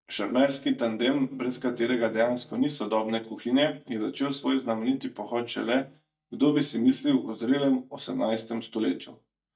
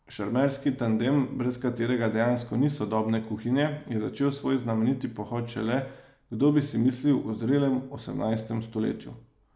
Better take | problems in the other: second | noise reduction (neural mask model DeepFilterNet 3)

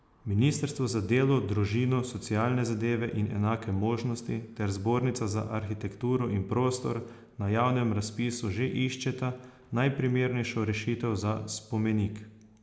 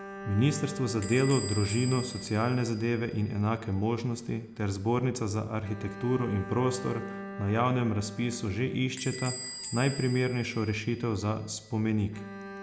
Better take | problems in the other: first | background sound (Squeak / Bell + Bowed string instrument); 12 dB below the speech

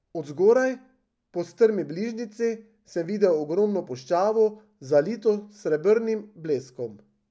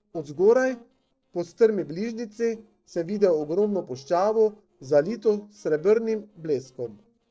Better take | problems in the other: first | noise reduction (neural separator model SepFormer DNS4)

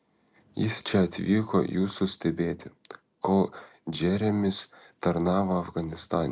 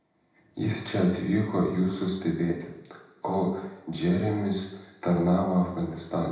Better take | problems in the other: first | room echo; dies away in 0.8 s

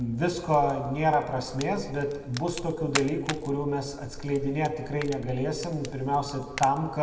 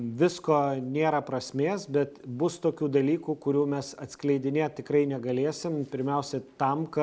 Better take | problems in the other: second | background sound (Fire); 12 dB below the speech // room echo; dies away in 1.4 s

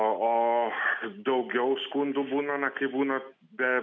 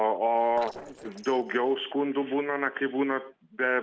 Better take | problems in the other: first | noise reduction (neural separator model SepFormer DNS4)

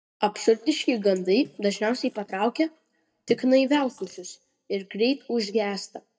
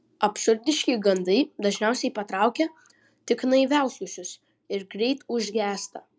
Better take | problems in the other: second | noise reduction (neural mask model DeepFilterNet 3)

